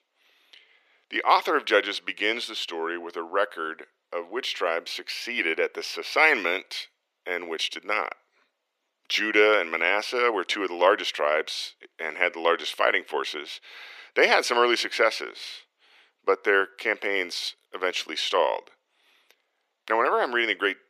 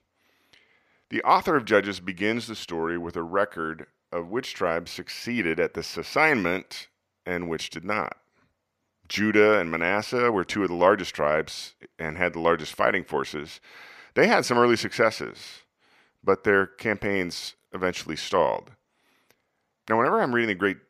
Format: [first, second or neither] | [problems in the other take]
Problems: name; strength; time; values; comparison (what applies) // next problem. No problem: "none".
second | thin; somewhat; fading below 350 Hz